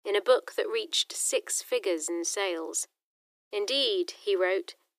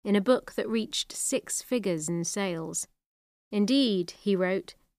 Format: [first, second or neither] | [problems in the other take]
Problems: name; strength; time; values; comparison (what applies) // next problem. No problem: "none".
second | thin; very; fading below 350 Hz